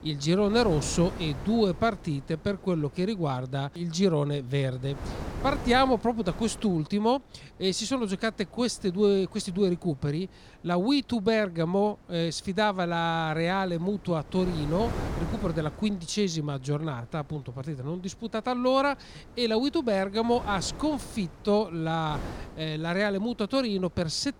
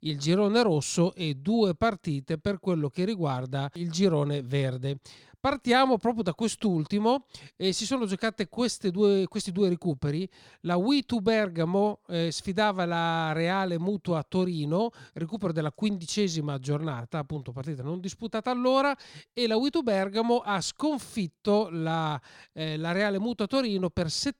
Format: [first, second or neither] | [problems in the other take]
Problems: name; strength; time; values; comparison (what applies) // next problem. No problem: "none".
second | wind noise on the microphone; occasional gusts; 15 dB below the speech